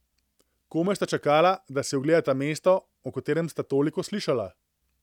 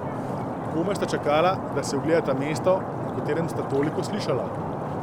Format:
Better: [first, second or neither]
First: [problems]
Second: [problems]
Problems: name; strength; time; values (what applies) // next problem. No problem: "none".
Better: first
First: none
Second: background sound (Stream); 3 dB below the speech